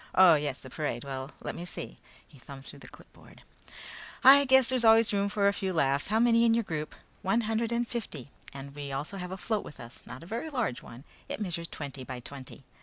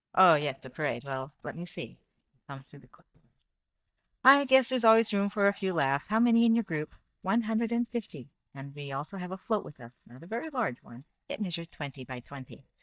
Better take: first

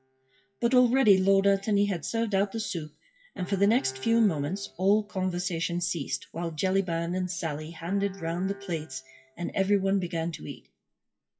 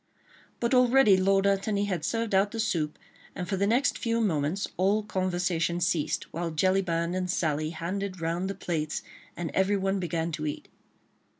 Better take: second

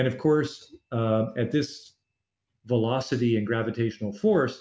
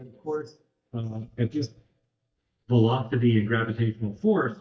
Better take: first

